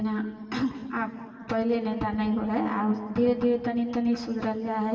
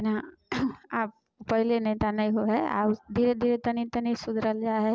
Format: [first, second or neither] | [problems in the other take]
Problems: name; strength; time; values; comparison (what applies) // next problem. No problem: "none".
second | room echo; dies away in 2.3 s